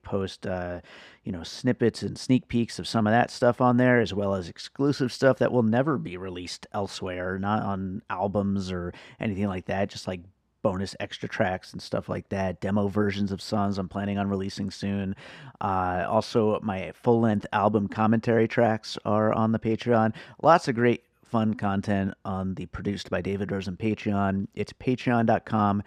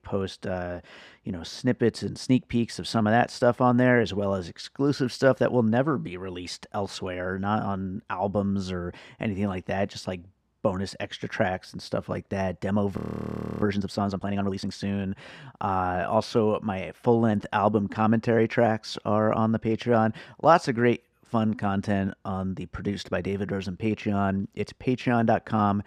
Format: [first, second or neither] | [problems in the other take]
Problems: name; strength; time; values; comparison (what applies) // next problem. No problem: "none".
first | audio freezing; at 13 s for 0.5 s